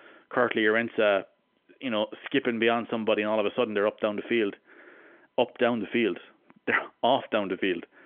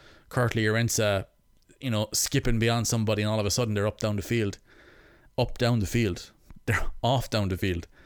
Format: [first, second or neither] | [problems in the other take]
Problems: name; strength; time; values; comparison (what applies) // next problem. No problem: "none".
second | phone-call audio; nothing above 3.5 kHz